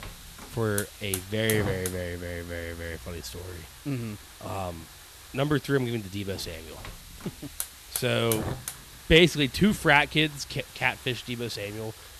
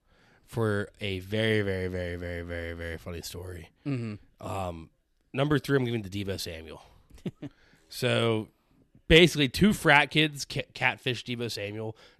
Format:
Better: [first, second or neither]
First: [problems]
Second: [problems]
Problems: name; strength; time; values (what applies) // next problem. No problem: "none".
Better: second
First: hiss; noticeable; throughout; 10 dB below the speech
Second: none